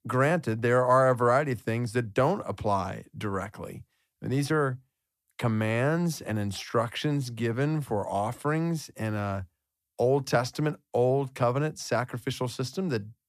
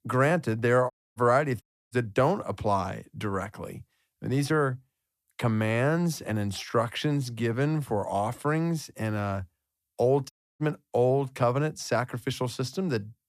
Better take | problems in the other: first | audio cutting out; at 1 s, at 1.5 s and at 10 s

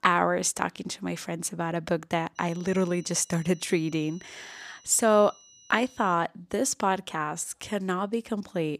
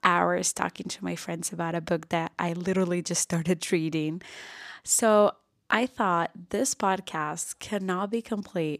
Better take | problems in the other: second | high-pitched whine; faint; from 2.5 to 6 s; 6 kHz, 25 dB below the speech

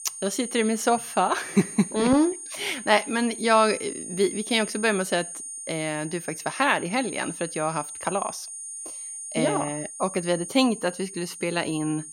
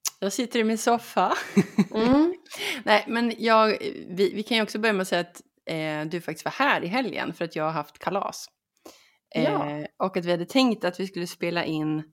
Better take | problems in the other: second | high-pitched whine; loud; throughout; 9 kHz, 10 dB below the speech

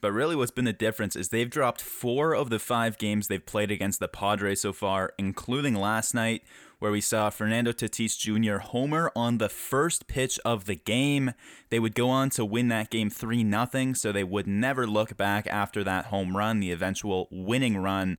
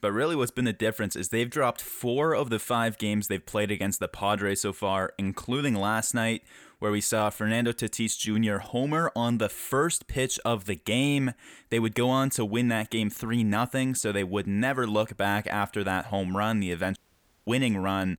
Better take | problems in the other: first | audio cutting out; at 17 s for 0.5 s

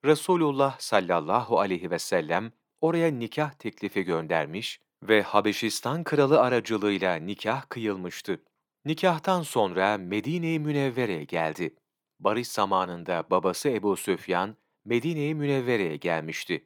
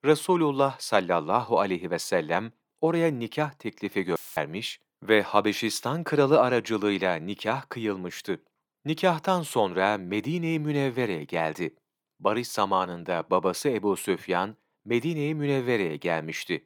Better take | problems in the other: first | audio cutting out; filled with static; at 4 s

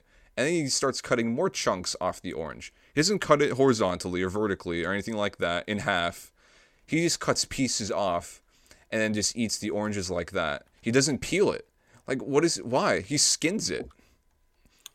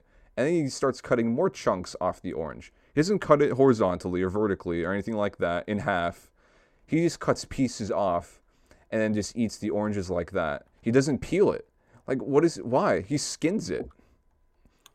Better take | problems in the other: first | muffled; slightly; fading above 2 kHz

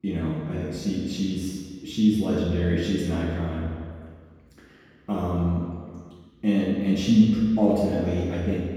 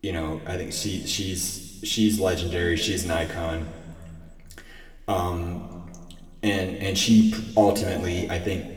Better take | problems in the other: second | room echo; strong; dies away in 2 s; slight in the second // off-mic speech; far; somewhat distant in the second

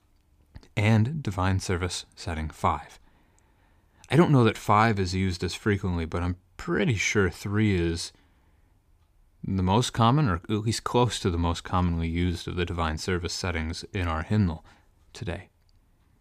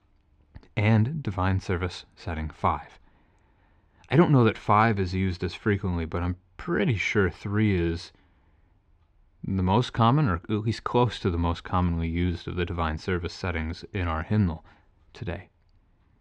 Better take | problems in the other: first | muffled; slightly; fading above 3.5 kHz

